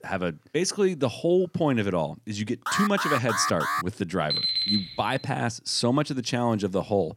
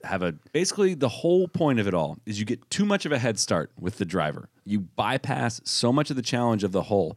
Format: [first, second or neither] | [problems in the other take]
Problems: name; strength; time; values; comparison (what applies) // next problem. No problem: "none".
second | alarm; noticeable; from 2.5 to 4 s; peak level with the speech // alarm; loud; at 4.5 s; peak 4 dB above the speech